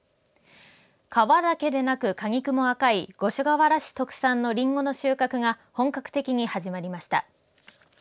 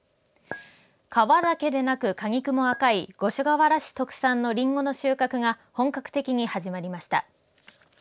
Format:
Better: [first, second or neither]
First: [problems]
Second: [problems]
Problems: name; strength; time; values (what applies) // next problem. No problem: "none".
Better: first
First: none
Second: background sound (Chink, clink); 16 dB below the speech